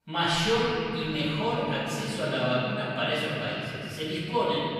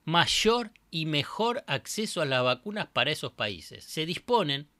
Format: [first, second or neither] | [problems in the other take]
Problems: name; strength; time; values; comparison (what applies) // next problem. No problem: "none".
second | room echo; strong; dies away in 3 s // off-mic speech; far